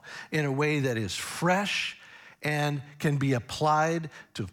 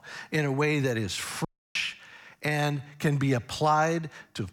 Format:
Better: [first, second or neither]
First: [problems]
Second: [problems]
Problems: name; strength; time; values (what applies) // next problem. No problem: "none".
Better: first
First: none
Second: audio cutting out; at 1.5 s